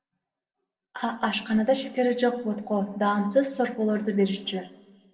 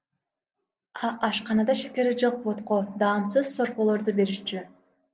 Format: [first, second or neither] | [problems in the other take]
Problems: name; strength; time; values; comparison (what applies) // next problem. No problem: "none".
second | room echo; dies away in 1.1 s